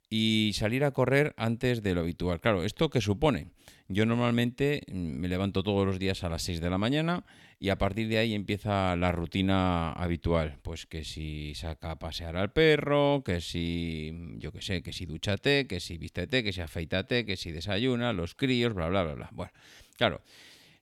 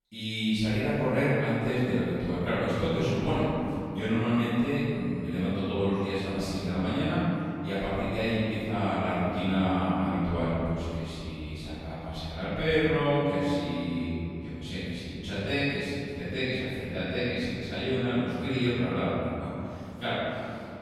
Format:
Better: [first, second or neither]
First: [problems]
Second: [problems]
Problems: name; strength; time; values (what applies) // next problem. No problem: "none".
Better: first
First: none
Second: room echo; strong; dies away in 2.7 s // off-mic speech; far